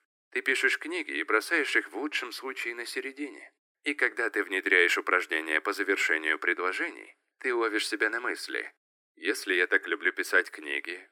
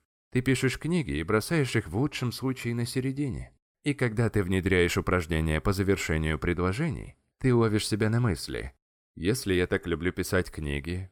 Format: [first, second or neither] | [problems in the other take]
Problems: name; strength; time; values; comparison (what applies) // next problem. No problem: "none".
second | thin; very; fading below 300 Hz